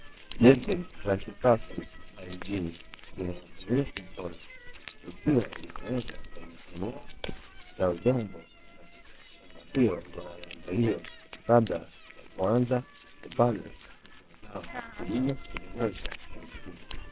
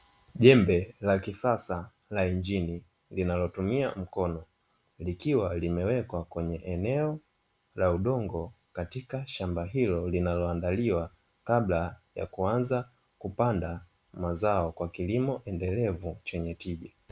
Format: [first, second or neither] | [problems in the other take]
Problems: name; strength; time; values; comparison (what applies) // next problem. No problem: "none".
second | noise reduction (neural separator model SepFormer WHAMR!)